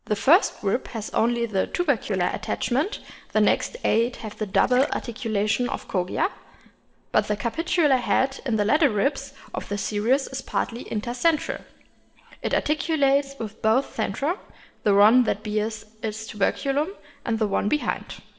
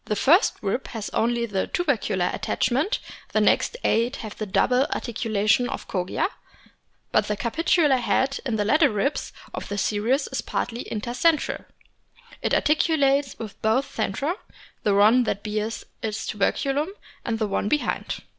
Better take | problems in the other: second | noise reduction (neural separator model SepFormer DNS4)

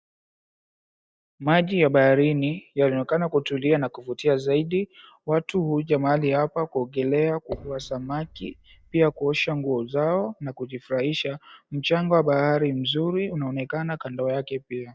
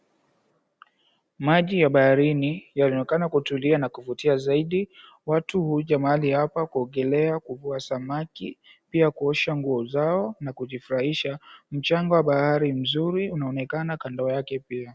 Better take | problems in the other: second | noise reduction (neural mask model DeepFilterNet 3)

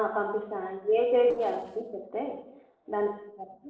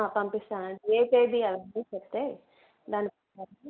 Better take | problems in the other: second | noise reduction (neural separator model SepFormer DNS4)

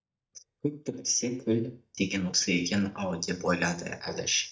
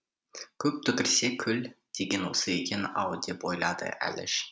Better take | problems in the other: second | noise reduction (neural mask model DeepFilterNet 3)

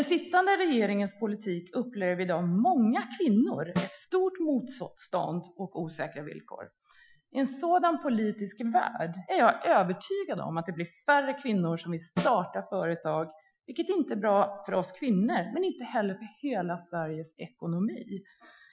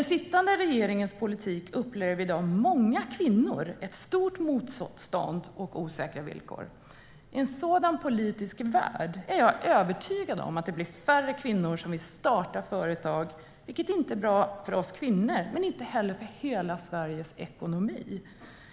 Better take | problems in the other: second | noise reduction (classical method Wiener filter)

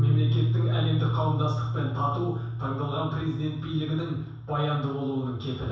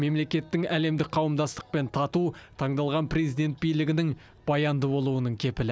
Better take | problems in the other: second | background sound (Piano); 1 dB above the speech // room echo; dies away in 0.7 s

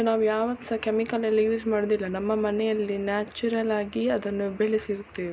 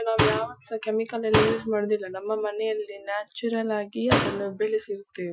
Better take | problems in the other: first | noise reduction (classical method Wiener filter)

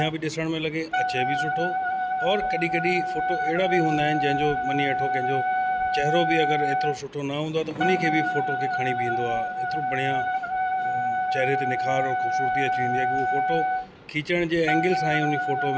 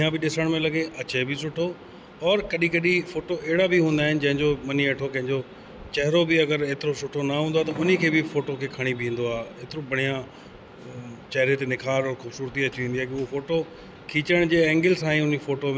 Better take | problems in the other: second | background sound (Wind instrument, woodwind instrument); 2 dB above the speech

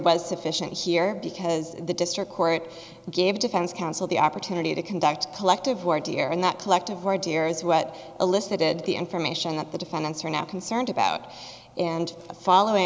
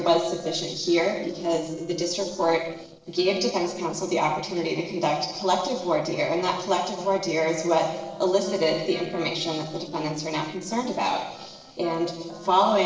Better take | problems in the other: first | noise reduction (neural separator model SepFormer DNS4)

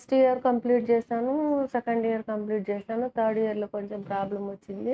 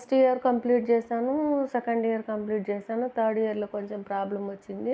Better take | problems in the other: second | noise reduction (neural mask model RNNoise)

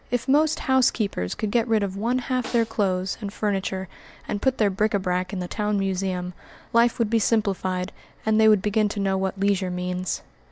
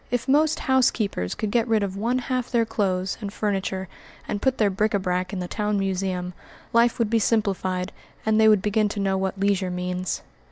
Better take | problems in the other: second | background sound (Snare drum); 19 dB below the speech

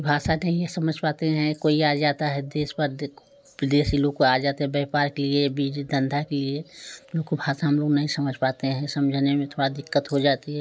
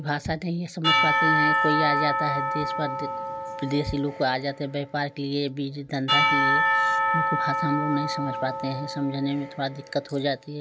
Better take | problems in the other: first | background sound (Church bell / Percussion); 2 dB above the speech

